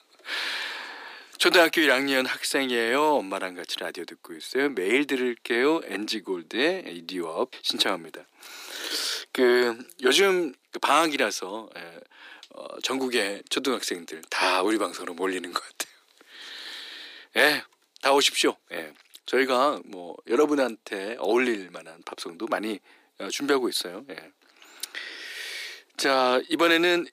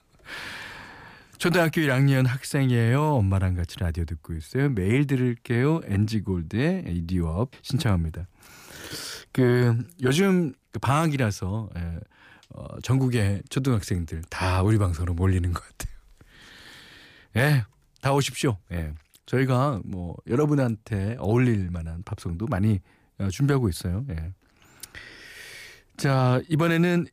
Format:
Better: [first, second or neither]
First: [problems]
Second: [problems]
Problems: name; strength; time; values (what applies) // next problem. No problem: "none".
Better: second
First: thin; very; fading below 300 Hz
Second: none